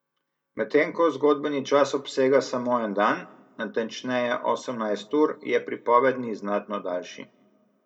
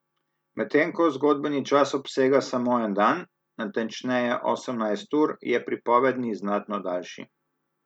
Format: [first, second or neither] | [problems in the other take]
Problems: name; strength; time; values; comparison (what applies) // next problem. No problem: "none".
second | room echo; dies away in 0.6 s